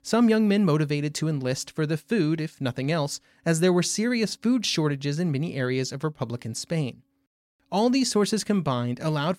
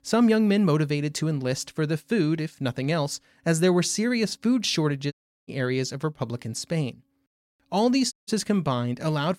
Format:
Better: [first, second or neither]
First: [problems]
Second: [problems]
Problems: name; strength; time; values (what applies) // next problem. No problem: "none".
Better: first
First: none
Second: audio cutting out; at 5 s and at 8 s